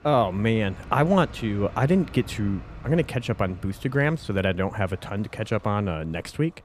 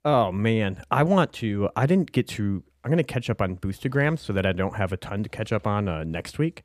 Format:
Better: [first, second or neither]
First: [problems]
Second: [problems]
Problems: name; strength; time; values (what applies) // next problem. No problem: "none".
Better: second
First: traffic noise; noticeable; throughout; 20 dB below the speech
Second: none